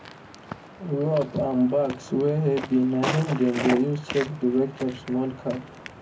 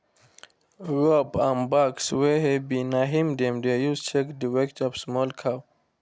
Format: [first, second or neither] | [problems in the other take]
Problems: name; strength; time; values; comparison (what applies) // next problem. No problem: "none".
second | background sound (Walk, footsteps); 10 dB below the speech // room echo; dies away in 0.3 s